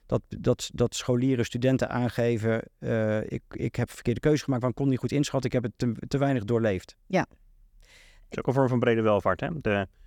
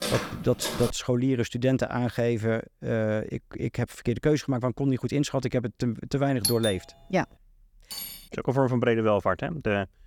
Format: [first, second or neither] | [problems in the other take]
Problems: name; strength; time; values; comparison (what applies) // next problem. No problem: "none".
first | footsteps; noticeable; at the start; peak 3 dB below the speech // doorbell; noticeable; at 6.5 s; peak 1 dB below the speech // clattering dishes; noticeable; at 8 s; peak 8 dB below the speech